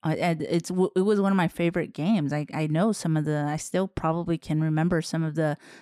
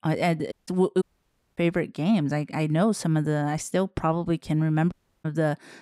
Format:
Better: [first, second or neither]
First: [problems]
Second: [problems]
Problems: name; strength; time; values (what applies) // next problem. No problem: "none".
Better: first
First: none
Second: audio cutting out; at 0.5 s, at 1 s for 0.5 s and at 5 s